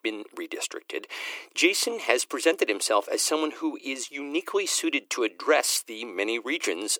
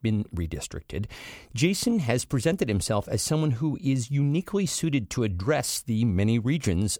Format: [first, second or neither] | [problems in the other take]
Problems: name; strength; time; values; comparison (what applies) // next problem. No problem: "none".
second | thin; very; fading below 300 Hz